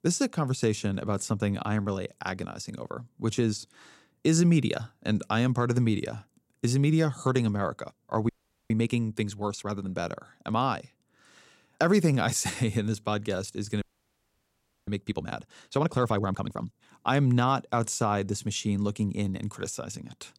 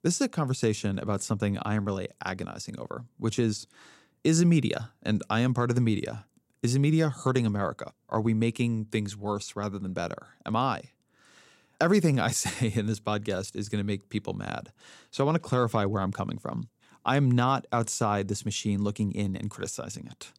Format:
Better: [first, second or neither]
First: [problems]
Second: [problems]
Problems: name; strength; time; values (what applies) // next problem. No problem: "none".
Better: second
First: audio freezing; at 8.5 s and at 14 s for 1 s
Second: none